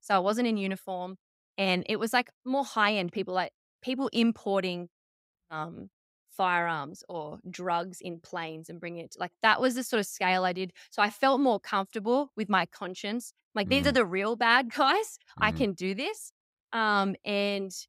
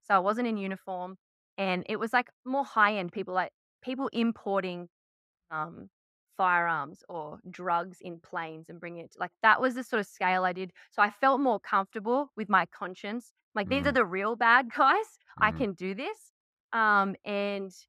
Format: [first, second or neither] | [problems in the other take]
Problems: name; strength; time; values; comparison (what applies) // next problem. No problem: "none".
first | muffled; slightly; fading above 3 kHz